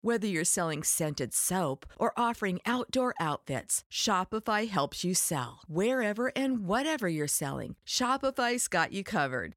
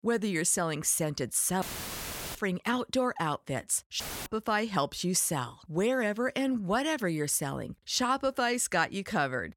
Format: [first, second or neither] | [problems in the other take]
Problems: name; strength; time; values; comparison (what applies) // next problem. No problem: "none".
first | audio cutting out; filled with static; at 1.5 s for 0.5 s and at 4 s